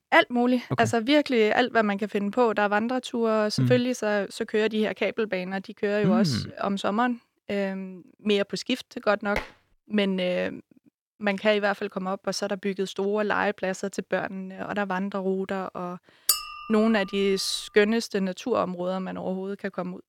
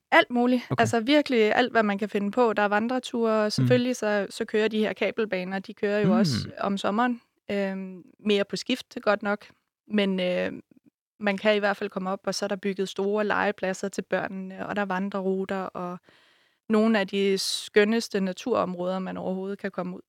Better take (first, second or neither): second